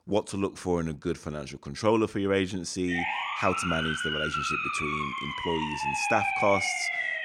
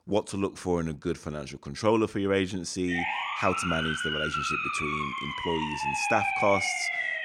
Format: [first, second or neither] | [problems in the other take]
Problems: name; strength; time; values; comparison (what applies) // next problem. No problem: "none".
neither | siren; loud; from 3 s on; peak 4 dB above the speech; the same in both